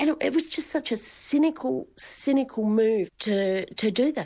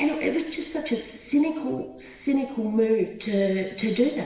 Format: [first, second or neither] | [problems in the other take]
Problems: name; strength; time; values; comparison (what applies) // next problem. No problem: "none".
first | room echo; dies away in 1 s